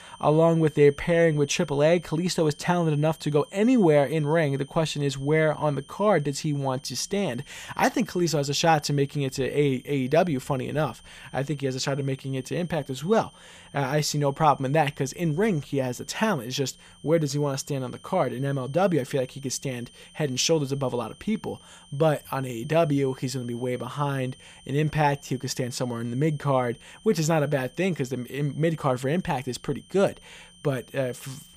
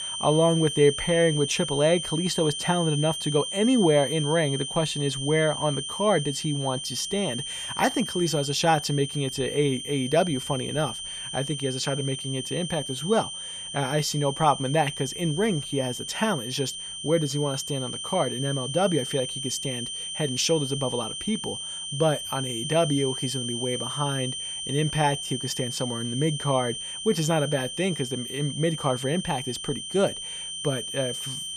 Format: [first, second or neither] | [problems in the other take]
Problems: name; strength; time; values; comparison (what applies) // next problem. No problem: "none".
first | high-pitched whine; loud; throughout; 3 kHz, 5 dB below the speech; faint in the first